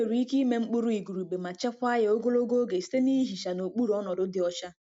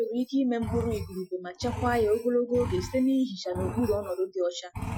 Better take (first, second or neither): first